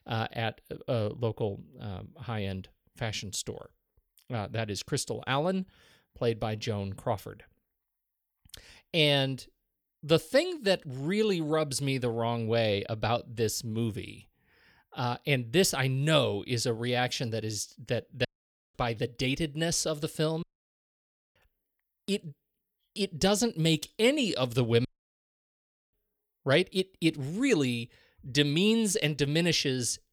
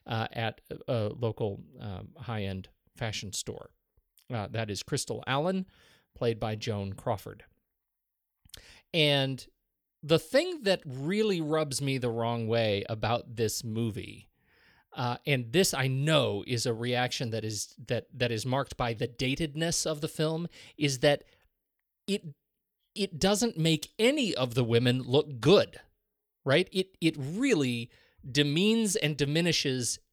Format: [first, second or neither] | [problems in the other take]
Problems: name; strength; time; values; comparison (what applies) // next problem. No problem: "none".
second | audio cutting out; at 18 s, at 20 s for 1 s and at 25 s for 1 s